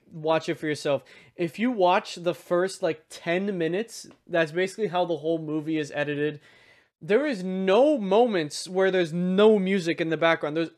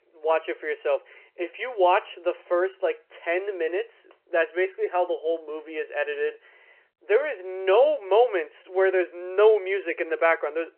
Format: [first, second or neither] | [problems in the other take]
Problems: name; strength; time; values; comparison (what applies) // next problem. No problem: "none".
first | phone-call audio